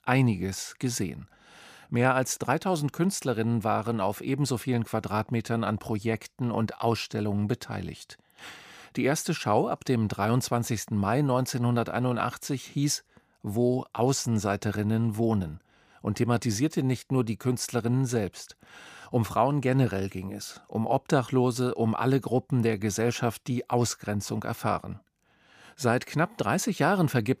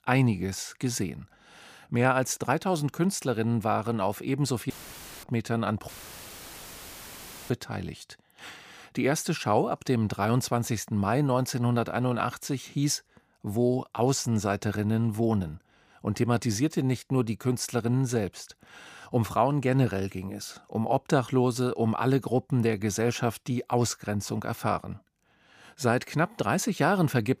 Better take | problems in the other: first | audio cutting out; filled with static; at 4.5 s for 0.5 s and at 6 s for 1.5 s

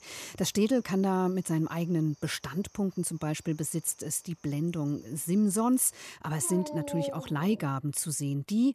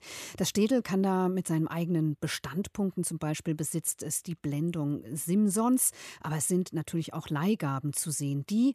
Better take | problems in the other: second | animal sounds; noticeable; throughout; 15 dB below the speech

